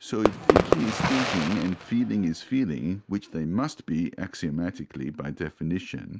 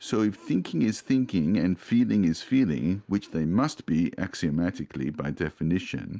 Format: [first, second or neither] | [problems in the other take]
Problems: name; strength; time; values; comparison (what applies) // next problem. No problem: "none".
second | background sound (Fireworks); 3 dB above the speech